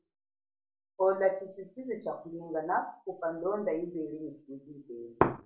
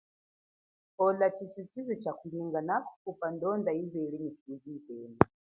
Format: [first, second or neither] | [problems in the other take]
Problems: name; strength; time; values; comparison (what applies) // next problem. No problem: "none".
second | room echo; dies away in 0.3 s